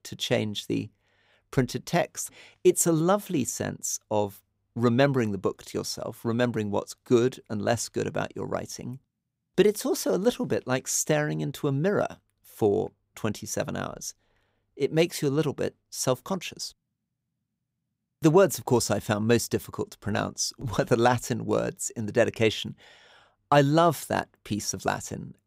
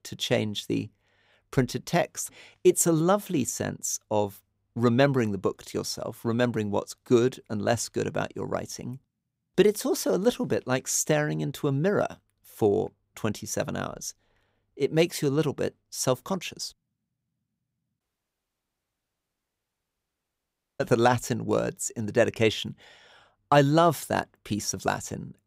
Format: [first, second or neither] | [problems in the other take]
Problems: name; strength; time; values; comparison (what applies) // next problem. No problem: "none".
first | audio cutting out; at 18 s for 3 s